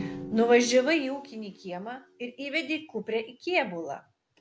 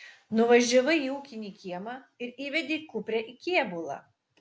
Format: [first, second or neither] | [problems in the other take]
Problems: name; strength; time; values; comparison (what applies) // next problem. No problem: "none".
second | background sound (Drum); 16 dB below the speech